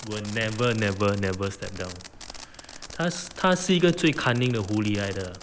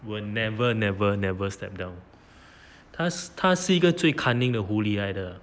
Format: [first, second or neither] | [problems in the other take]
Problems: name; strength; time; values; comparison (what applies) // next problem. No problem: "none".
second | background sound (Cricket + Fireworks); 16 dB below the speech